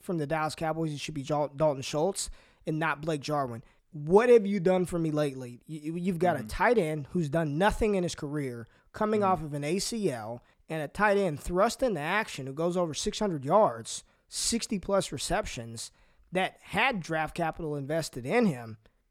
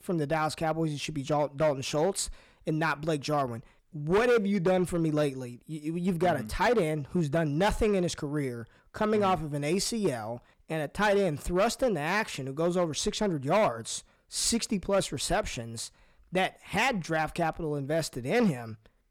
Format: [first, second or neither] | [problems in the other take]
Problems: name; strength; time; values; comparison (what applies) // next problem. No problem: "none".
first | distortion; slight; 5% of the sound clipped